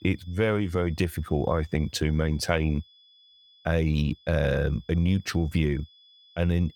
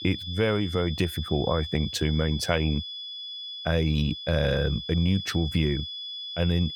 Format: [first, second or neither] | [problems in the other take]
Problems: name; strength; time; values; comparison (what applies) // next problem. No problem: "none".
first | high-pitched whine; loud; throughout; 3.5 kHz, 8 dB below the speech; faint in the first